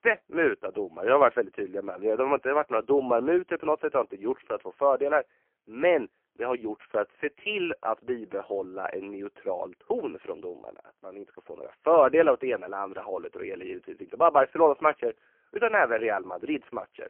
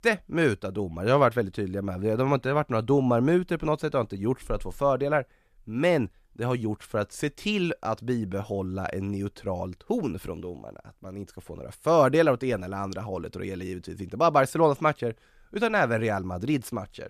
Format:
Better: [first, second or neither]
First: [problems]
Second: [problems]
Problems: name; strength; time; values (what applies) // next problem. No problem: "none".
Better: second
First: phone-call audio; poor line; nothing above 3 kHz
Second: none